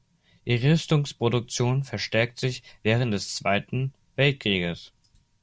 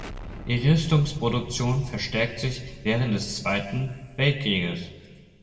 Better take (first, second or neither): first